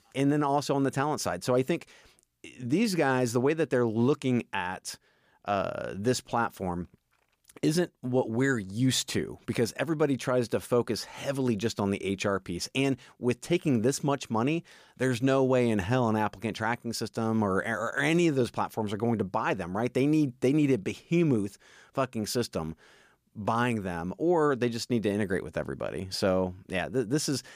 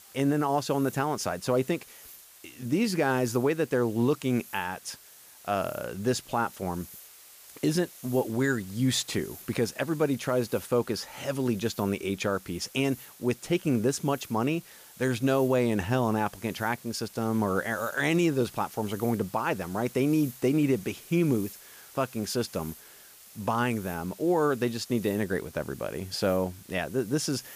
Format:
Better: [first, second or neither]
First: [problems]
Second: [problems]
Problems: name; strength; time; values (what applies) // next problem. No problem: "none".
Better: first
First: none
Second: hiss; noticeable; throughout; 20 dB below the speech